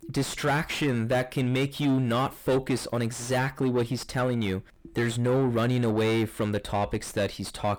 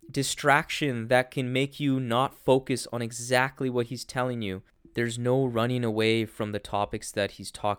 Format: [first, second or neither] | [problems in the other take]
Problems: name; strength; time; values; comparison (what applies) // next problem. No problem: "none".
second | distortion; heavy; 5 dB below the speech